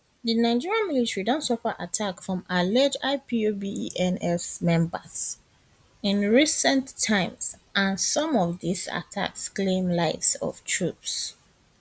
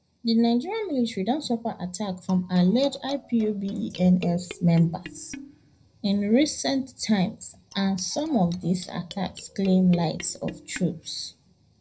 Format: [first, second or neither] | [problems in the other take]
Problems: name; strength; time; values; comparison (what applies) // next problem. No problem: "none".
first | noise reduction (neural separator model SepFormer DNS4)